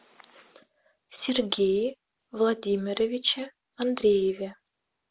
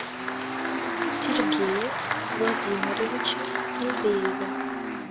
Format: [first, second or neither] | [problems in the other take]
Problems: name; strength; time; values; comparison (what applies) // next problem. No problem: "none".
first | background sound (Livestock, farm animals, working animals + Applause); 2 dB above the speech